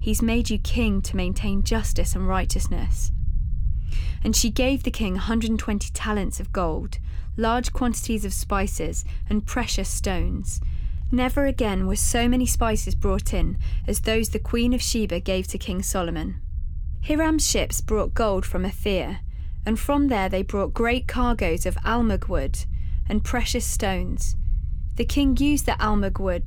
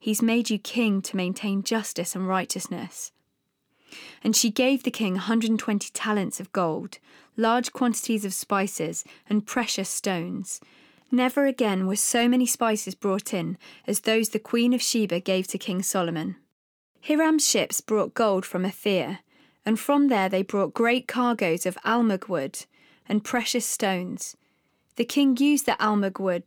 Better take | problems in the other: second | low rumble; faint; throughout; 25 dB below the speech

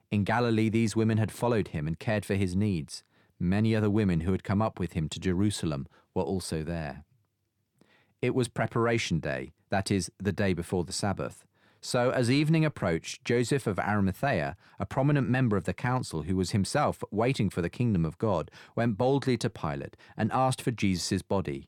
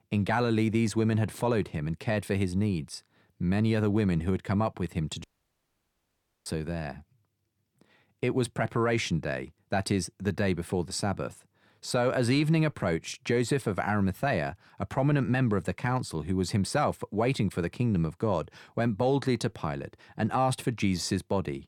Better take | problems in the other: first | audio cutting out; at 5 s for 1 s

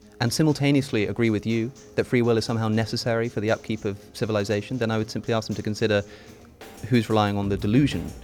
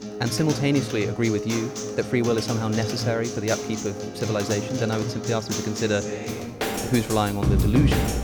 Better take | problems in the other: first | background music; loud; throughout; 3 dB below the speech; faint in the first

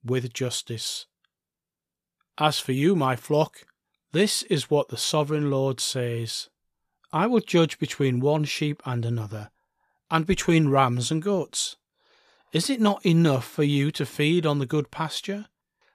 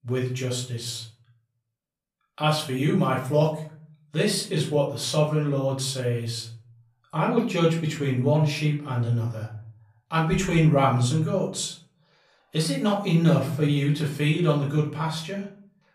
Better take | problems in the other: first | off-mic speech; far // room echo; slight; dies away in 0.5 s

